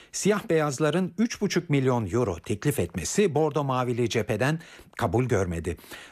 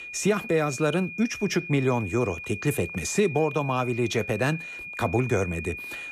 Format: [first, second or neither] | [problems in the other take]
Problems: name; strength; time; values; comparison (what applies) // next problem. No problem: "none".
first | high-pitched whine; loud; throughout; 2.5 kHz, 9 dB below the speech